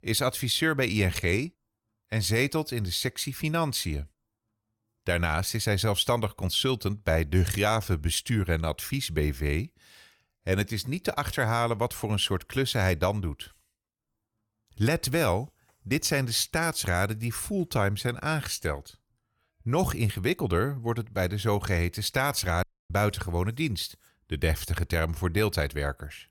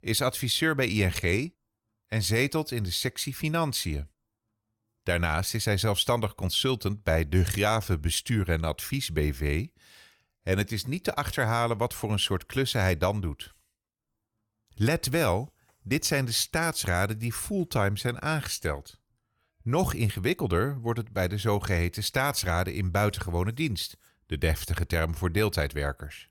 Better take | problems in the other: second | audio cutting out; at 23 s

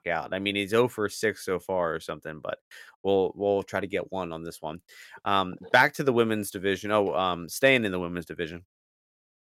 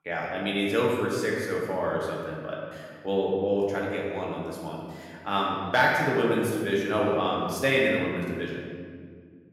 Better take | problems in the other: first | room echo; noticeable; dies away in 1.7 s // off-mic speech; far

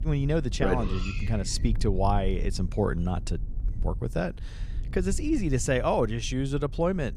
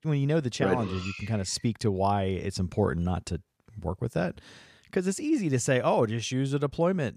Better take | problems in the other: second | low rumble; faint; throughout; 20 dB below the speech

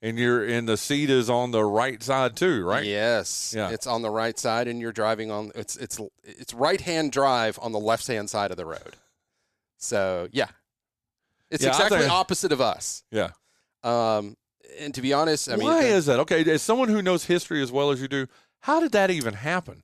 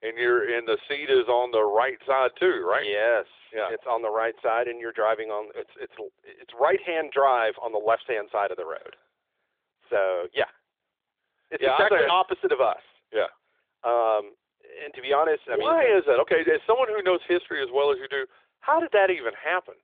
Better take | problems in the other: first | phone-call audio; nothing above 3.5 kHz

